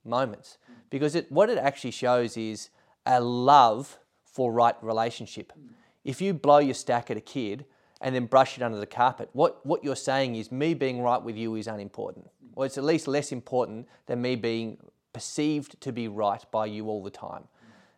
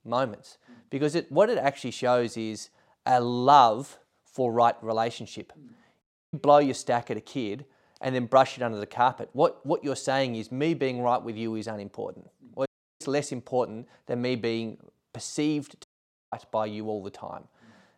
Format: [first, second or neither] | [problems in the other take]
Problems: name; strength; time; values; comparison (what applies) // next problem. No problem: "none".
first | audio cutting out; at 6 s, at 13 s and at 16 s